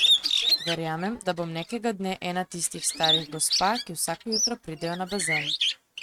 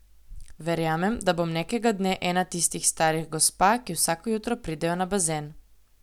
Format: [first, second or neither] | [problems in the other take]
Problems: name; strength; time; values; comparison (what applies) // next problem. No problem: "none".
second | noise reduction (neural mask model RNNoise)